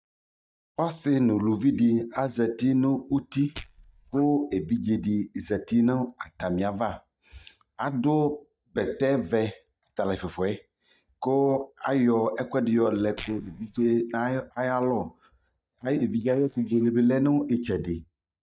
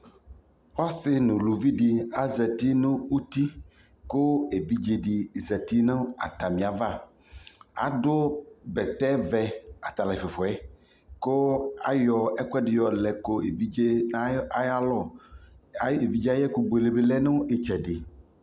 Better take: second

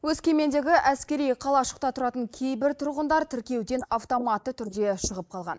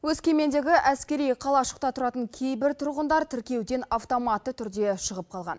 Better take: second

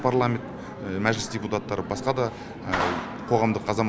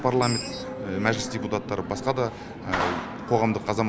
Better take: first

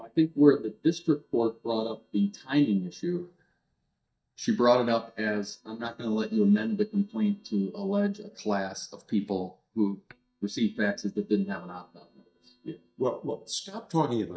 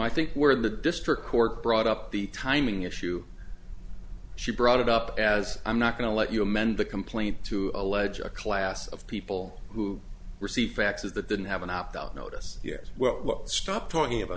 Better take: second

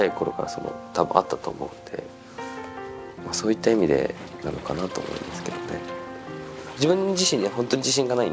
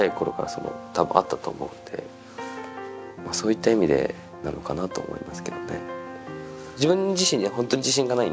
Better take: second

